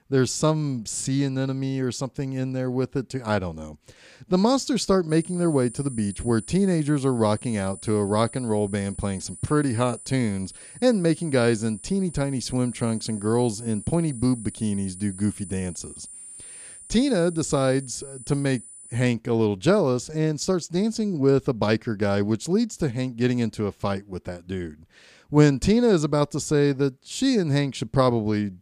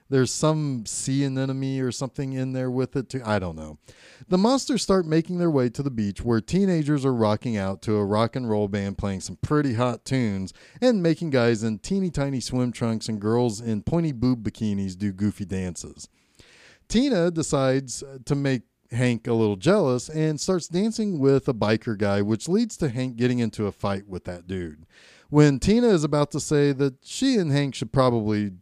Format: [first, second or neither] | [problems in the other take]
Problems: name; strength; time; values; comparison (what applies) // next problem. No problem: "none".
second | high-pitched whine; noticeable; from 5 to 19 s; 9.5 kHz, 15 dB below the speech